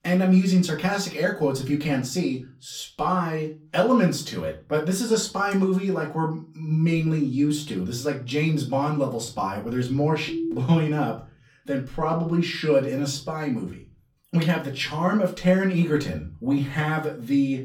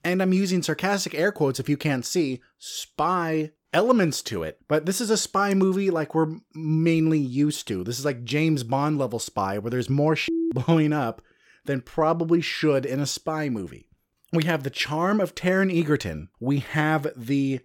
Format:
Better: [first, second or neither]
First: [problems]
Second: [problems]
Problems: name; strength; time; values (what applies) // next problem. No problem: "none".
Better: second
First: off-mic speech; far // room echo; very slight; dies away in 0.3 s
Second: none